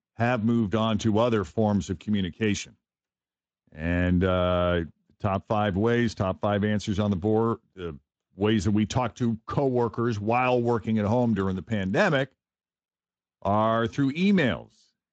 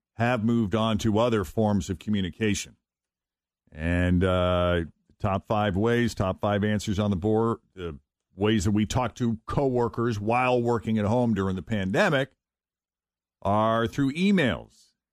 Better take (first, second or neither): second